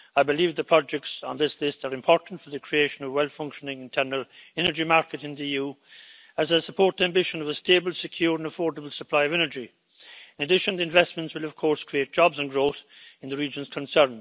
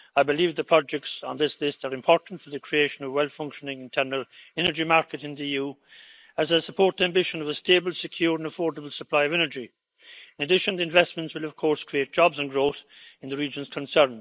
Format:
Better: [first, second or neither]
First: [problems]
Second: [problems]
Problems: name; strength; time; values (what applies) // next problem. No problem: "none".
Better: first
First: none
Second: noise reduction (neural mask model Resemble Enhance denoiser)